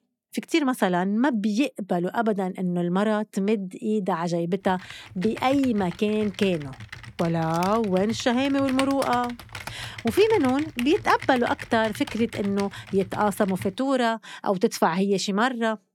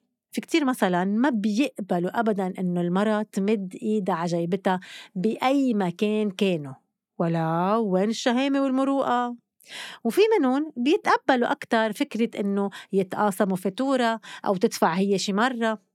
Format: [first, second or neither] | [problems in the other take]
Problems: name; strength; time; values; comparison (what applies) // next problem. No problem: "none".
second | keyboard typing; noticeable; from 4.5 to 14 s; peak 7 dB below the speech